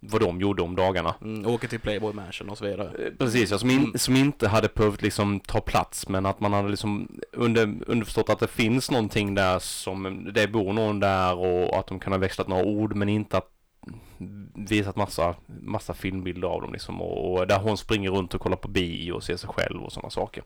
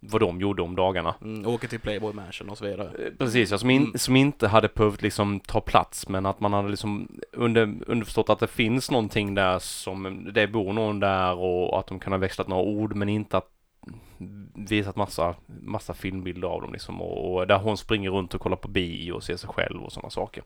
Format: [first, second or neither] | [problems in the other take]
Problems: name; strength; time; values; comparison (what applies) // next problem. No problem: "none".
second | distortion; slight; 3% of the sound clipped